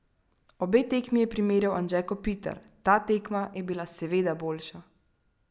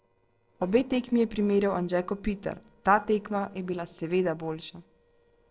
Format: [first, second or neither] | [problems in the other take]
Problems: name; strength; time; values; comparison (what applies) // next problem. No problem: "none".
first | noise reduction (neural separator model SepFormer DNS4)